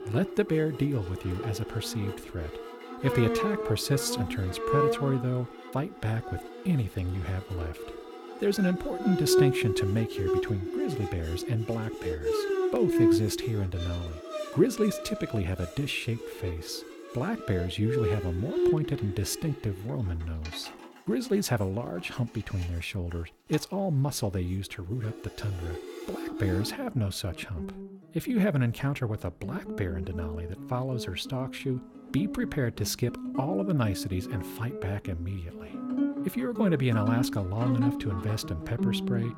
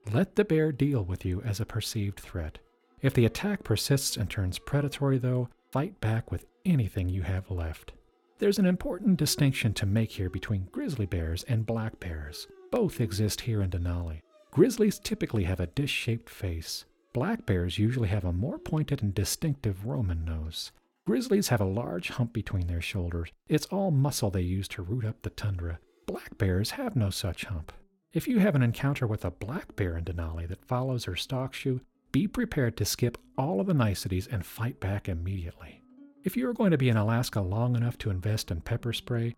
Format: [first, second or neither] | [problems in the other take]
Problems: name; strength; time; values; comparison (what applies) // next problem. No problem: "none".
second | background music; loud; throughout; 3 dB below the speech; faint in the second